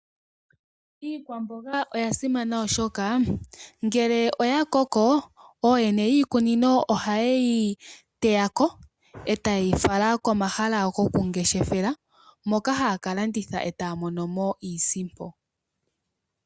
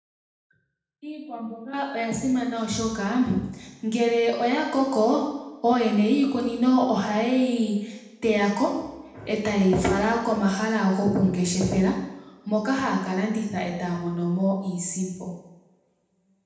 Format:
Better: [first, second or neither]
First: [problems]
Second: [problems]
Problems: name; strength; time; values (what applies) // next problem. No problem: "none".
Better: first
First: none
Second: room echo; dies away in 0.9 s